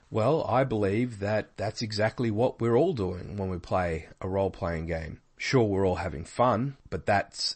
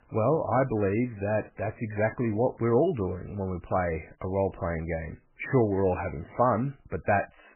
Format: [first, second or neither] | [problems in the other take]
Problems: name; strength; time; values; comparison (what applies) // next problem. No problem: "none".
first | garbled, watery; badly; nothing above 2.5 kHz; slightly in the first